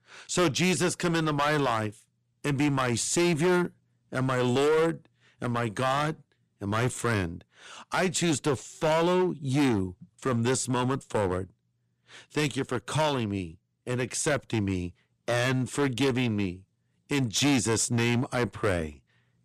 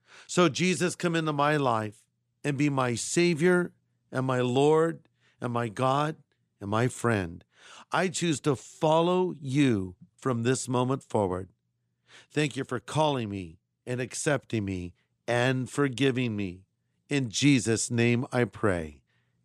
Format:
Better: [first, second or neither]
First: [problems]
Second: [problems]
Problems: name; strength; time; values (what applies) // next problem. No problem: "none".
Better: second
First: distortion; heavy; 10% of the sound clipped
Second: none